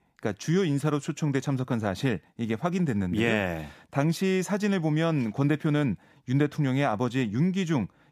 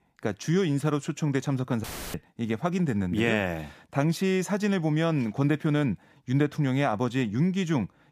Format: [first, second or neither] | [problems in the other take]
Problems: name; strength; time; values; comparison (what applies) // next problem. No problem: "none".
first | audio cutting out; filled with static; at 2 s